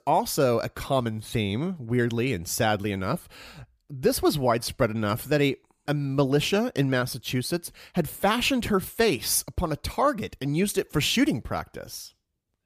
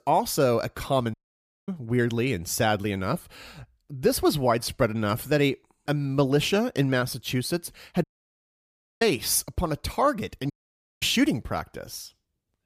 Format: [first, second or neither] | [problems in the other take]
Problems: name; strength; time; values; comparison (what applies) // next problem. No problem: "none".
first | audio cutting out; at 1 s for 0.5 s, at 8 s for 1 s and at 11 s for 0.5 s